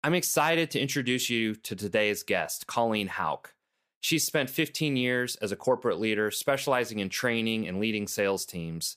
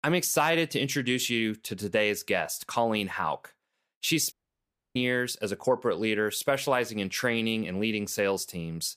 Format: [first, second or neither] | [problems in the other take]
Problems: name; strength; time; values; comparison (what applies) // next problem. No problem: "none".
first | audio cutting out; at 4.5 s for 0.5 s